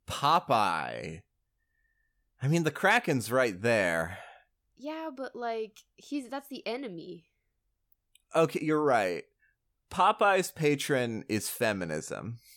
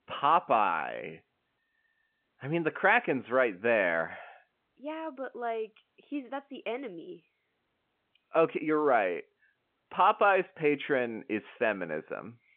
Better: first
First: none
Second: phone-call audio

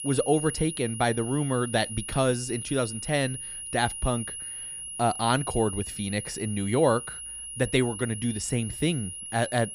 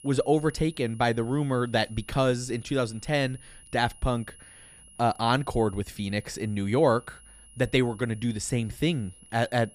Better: second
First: high-pitched whine; loud; throughout; 10.5 kHz, 7 dB below the speech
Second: high-pitched whine; faint; throughout; 10.5 kHz, 20 dB below the speech

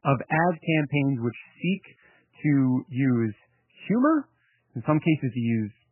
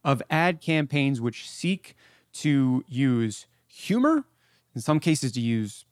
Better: second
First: garbled, watery; badly; nothing above 3 kHz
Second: none

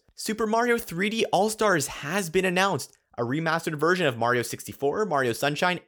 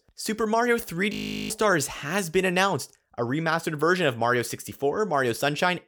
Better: first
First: none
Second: audio freezing; at 1 s

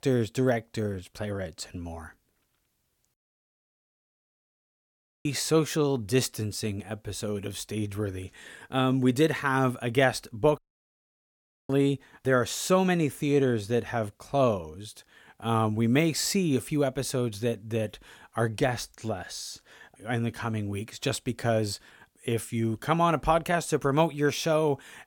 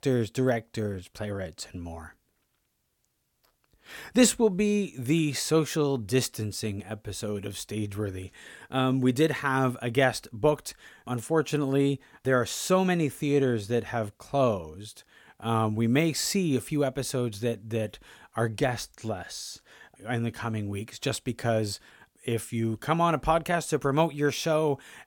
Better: second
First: audio cutting out; at 3 s for 2 s and at 11 s for 1 s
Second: none

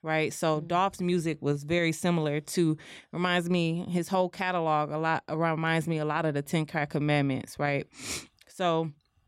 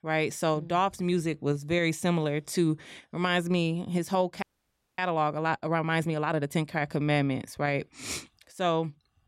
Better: first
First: none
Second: audio freezing; at 4.5 s for 0.5 s

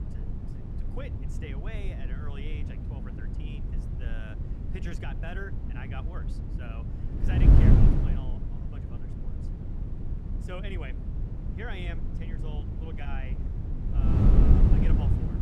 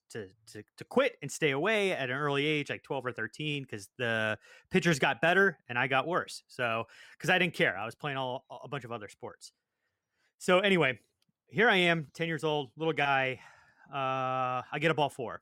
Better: second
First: wind noise on the microphone; heavy; 3 dB above the speech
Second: none

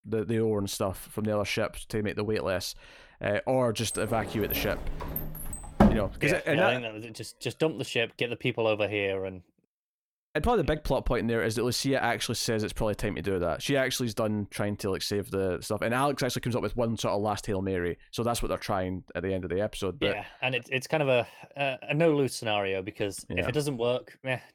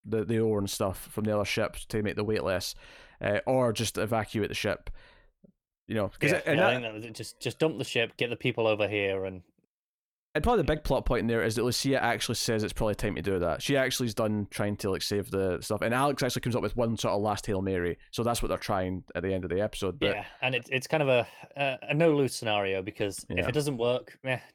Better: second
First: door banging; loud; from 4 to 6 s; peak 5 dB above the speech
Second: none

